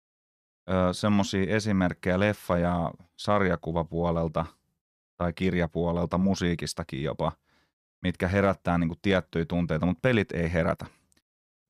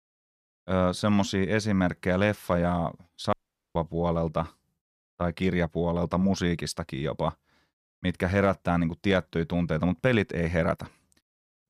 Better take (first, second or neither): first